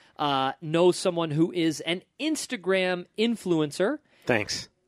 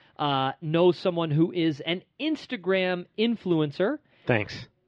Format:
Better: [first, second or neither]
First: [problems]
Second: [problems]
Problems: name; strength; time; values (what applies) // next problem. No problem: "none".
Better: first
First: none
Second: muffled; slightly; fading above 3.5 kHz